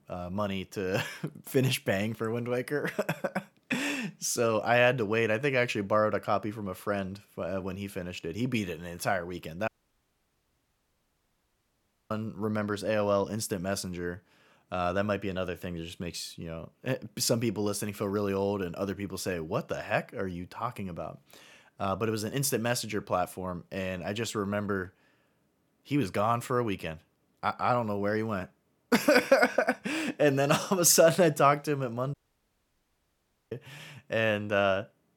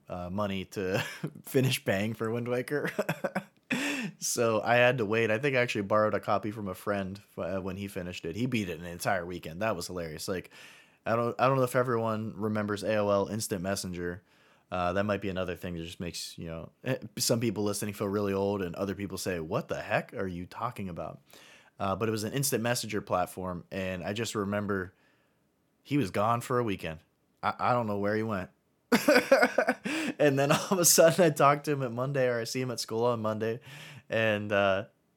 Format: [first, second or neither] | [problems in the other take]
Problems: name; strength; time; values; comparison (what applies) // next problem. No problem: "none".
second | audio cutting out; at 9.5 s for 2.5 s and at 32 s for 1.5 s